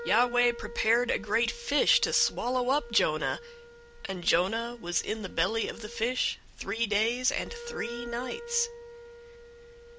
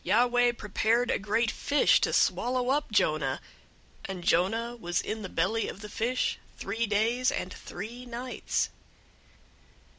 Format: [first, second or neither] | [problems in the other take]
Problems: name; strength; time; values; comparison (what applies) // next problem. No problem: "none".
second | background sound (Wind instrument, woodwind instrument); 14 dB below the speech